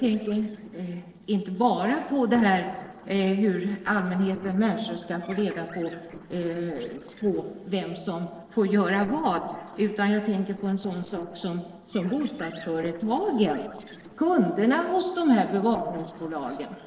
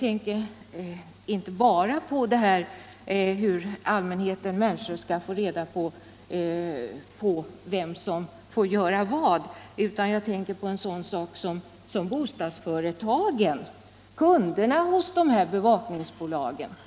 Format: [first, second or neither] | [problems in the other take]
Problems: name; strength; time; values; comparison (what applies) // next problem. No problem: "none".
second | noise reduction (neural separator model SepFormer DNS4)